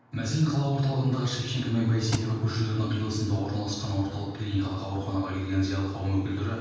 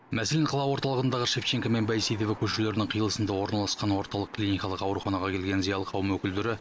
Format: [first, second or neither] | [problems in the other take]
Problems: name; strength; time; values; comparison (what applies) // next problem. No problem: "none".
second | background sound (Thump, thud); 10 dB below the speech // room echo; dies away in 1.2 s